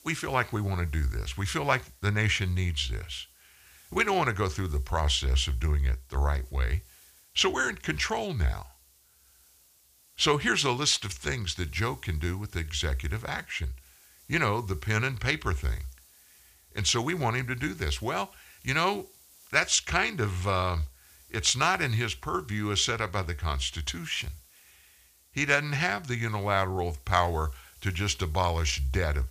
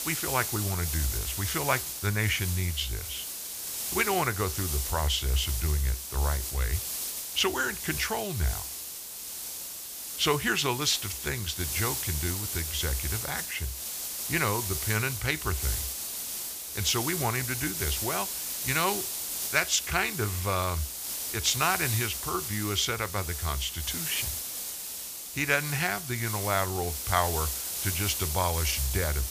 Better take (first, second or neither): first